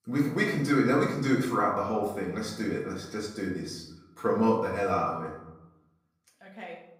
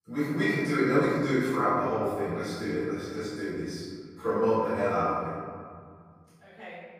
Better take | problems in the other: first | room echo; strong; dies away in 2 s; slight in the first // off-mic speech; far; far in the first

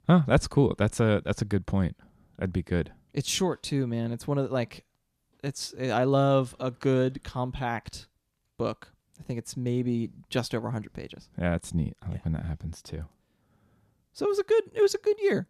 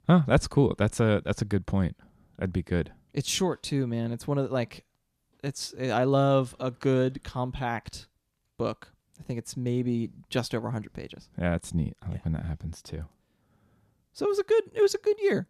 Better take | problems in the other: neither | none

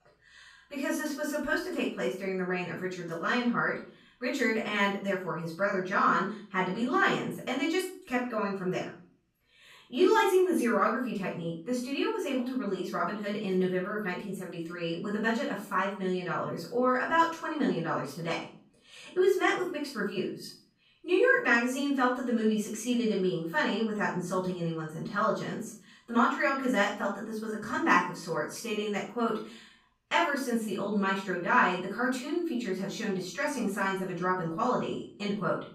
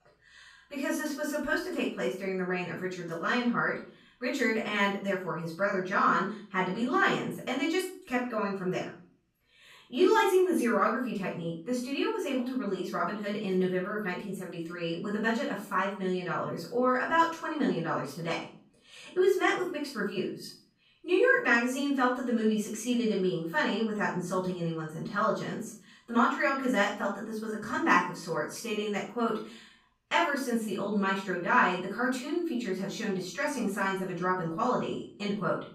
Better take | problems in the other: neither | off-mic speech; far; the same in both // room echo; noticeable; dies away in 0.4 s; the same in both

